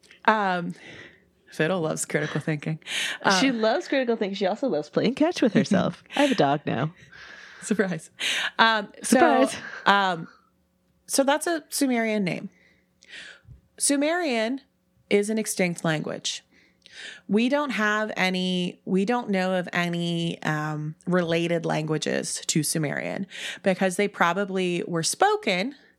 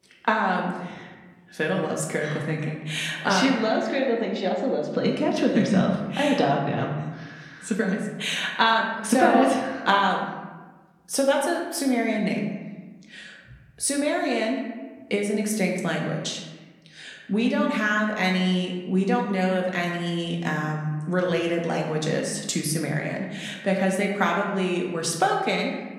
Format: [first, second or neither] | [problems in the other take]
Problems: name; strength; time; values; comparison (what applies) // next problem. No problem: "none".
first | room echo; slight; dies away in 1 s // off-mic speech; somewhat distant